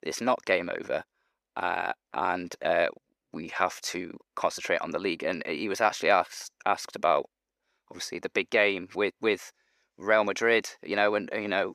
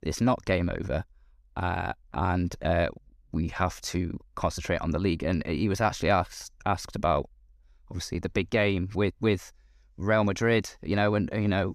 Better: second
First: thin; somewhat; fading below 450 Hz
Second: none

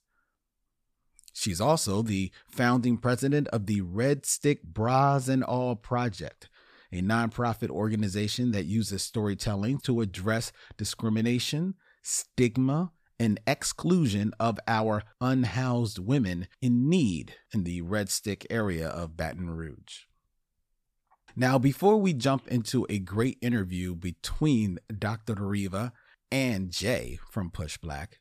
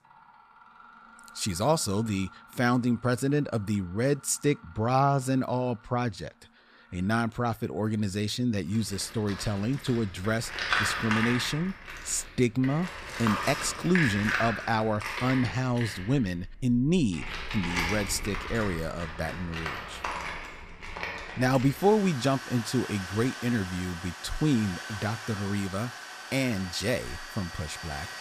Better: first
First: none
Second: machinery noise; loud; throughout; 6 dB below the speech

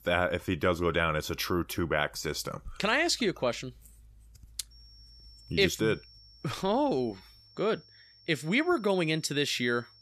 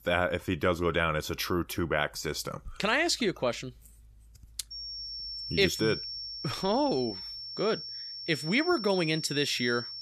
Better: first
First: high-pitched whine; faint; from 4.5 s on; 5.5 kHz, 25 dB below the speech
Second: high-pitched whine; loud; from 4.5 s on; 5.5 kHz, 7 dB below the speech

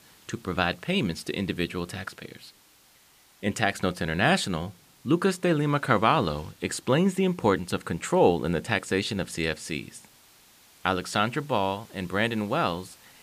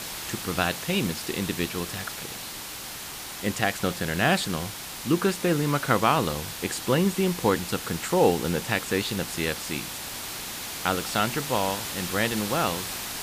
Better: first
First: hiss; faint; throughout; 30 dB below the speech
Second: hiss; loud; throughout; 7 dB below the speech

